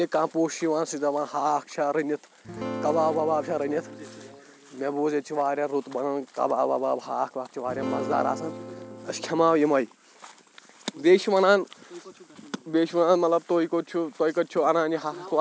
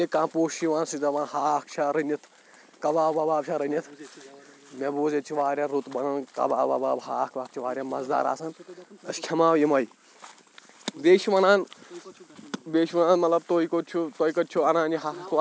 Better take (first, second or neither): second